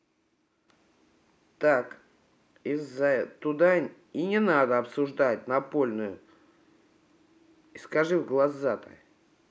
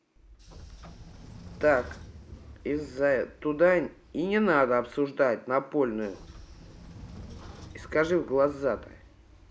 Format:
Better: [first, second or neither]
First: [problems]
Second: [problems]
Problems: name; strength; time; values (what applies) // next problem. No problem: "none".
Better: first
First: none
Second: background sound (Sliding door / Train); 18 dB below the speech